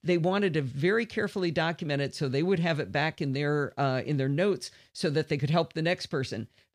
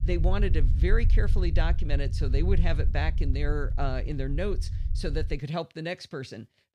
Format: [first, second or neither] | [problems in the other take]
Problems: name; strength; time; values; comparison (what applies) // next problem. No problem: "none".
first | low rumble; noticeable; until 5.5 s; 15 dB below the speech